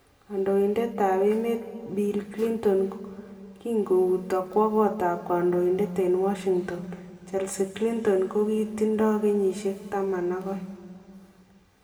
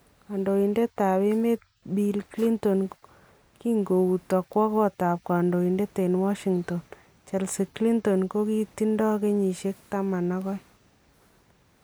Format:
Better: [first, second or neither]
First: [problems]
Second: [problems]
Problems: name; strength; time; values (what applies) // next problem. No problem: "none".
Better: second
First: room echo; dies away in 1.9 s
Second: none